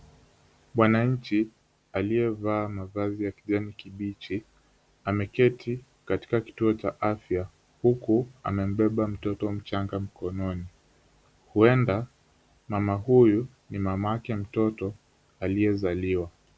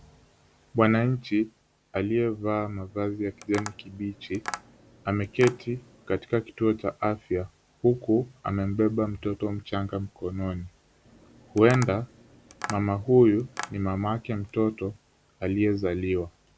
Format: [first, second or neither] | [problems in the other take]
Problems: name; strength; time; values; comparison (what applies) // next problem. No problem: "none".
first | background sound (Tap); 15 dB below the speech